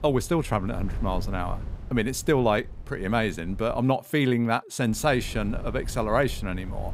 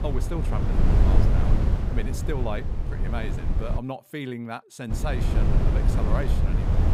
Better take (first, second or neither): first